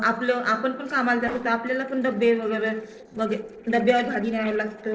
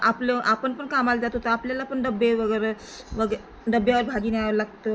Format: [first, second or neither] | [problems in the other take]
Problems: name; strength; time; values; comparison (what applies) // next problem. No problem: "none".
second | noise reduction (neural separator model SepFormer DNS4)